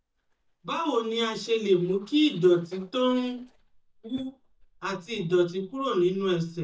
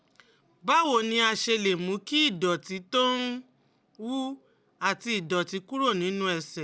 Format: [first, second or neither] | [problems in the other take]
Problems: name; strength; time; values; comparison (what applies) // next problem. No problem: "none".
second | noise reduction (neural mask model DeepFilterNet 3)